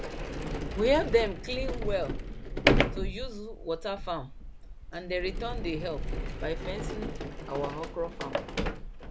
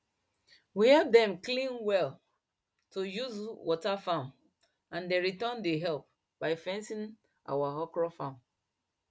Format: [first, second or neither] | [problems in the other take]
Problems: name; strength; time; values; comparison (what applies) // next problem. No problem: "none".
second | background sound (Sliding door); 1 dB above the speech